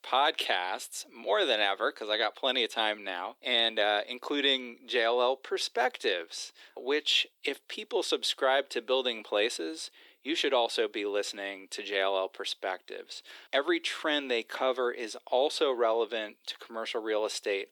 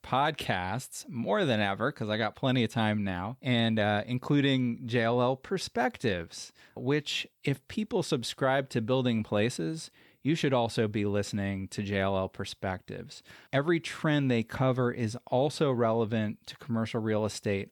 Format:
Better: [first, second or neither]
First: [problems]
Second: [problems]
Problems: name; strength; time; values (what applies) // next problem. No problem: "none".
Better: second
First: thin; very; fading below 350 Hz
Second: none